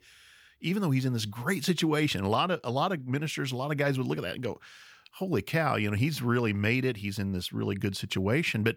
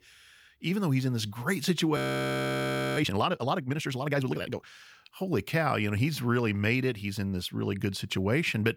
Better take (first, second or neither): first